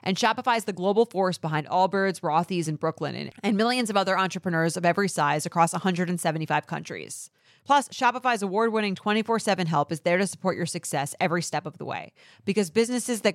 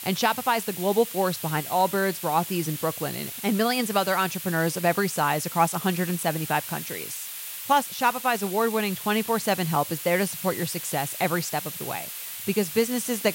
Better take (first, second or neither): first